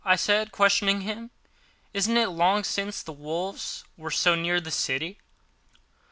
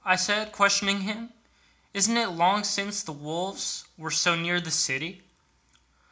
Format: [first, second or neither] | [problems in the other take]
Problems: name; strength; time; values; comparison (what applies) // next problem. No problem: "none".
first | room echo; dies away in 0.4 s